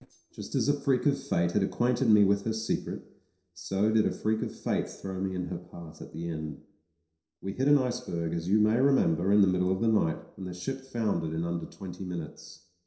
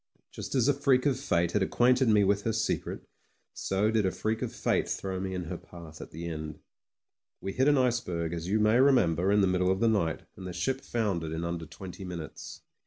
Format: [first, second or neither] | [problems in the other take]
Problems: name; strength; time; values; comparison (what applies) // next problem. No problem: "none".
second | noise reduction (neural separator model SepFormer DNS4)